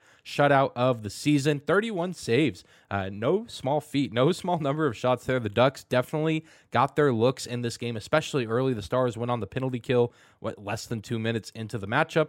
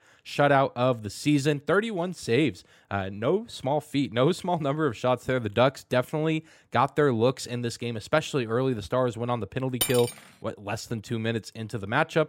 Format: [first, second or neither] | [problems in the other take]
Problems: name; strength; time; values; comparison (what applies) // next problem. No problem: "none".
first | clattering dishes; noticeable; at 10 s; peak 1 dB below the speech